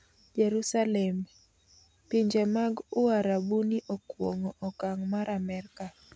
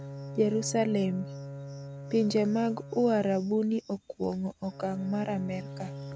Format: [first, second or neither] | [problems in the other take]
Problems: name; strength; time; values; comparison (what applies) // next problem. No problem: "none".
first | background sound (Bowed string instrument); 12 dB below the speech